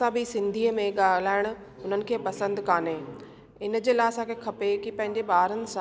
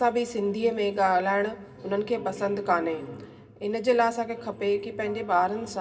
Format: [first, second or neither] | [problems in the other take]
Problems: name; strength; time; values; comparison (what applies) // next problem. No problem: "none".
first | room echo; dies away in 0.4 s